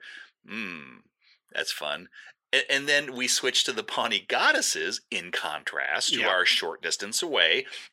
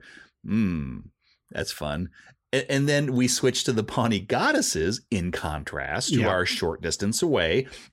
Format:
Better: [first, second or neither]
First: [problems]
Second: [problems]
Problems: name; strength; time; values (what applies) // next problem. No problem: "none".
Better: second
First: thin; very; fading below 500 Hz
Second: none